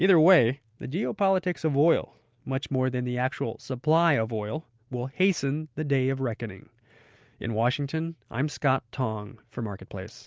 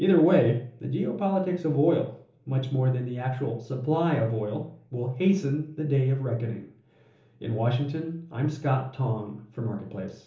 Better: first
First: none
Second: room echo; dies away in 1.2 s

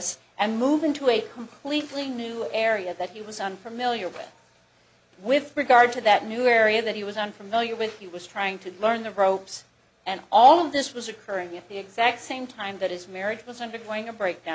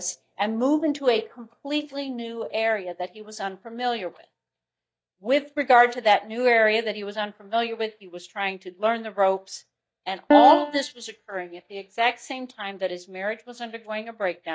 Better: first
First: none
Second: noise reduction (neural mask model DeepFilterNet 3)

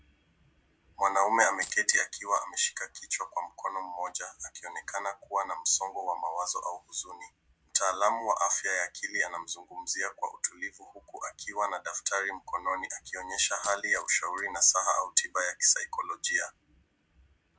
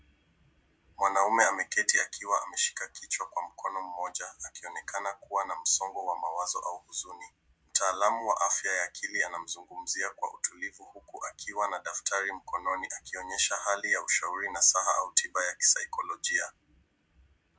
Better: second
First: background sound (Coin (dropping)); 16 dB below the speech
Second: none

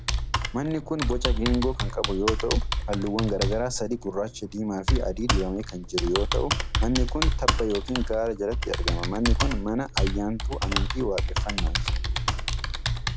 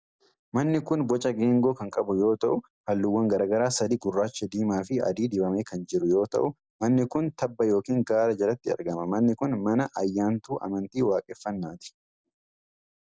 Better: second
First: background sound (Computer keyboard); 2 dB above the speech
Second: none

